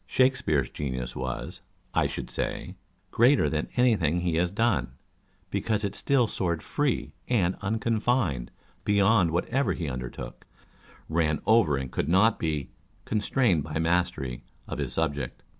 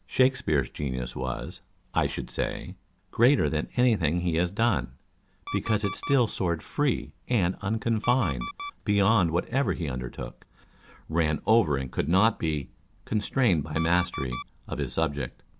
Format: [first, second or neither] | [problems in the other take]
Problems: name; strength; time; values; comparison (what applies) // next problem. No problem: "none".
first | background sound (Alarm); 13 dB below the speech